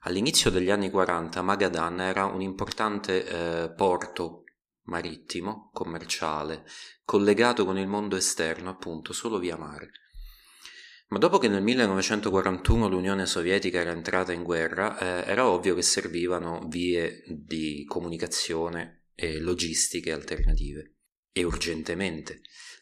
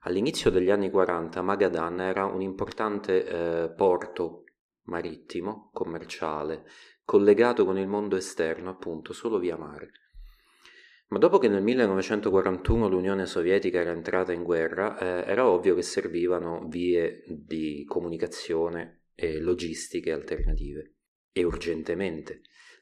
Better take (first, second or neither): first